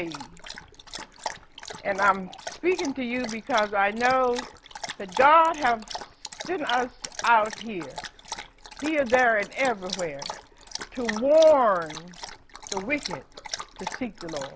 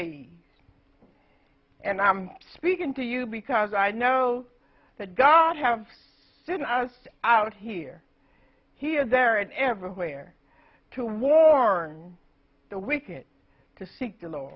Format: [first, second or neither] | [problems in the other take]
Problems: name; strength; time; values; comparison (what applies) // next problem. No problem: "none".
second | background sound (Dog); 13 dB below the speech